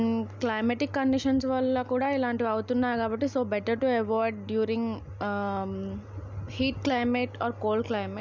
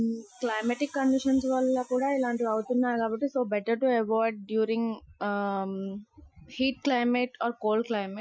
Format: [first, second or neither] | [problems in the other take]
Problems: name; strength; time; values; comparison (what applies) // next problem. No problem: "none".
first | noise reduction (classical method Wiener filter)